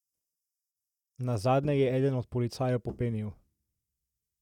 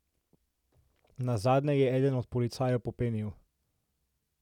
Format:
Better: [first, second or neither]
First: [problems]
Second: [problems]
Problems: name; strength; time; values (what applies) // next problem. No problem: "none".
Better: second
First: noise reduction (neural mask model DeepFilterNet 3)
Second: none